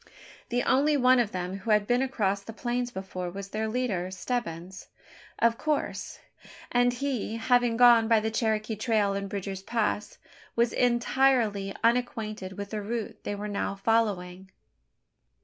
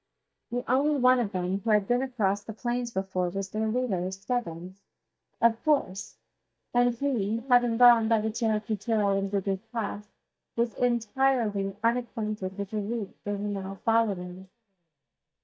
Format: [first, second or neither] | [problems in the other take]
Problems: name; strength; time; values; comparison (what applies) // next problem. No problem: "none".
first | noise reduction (neural mask model DeepFilterNet 3)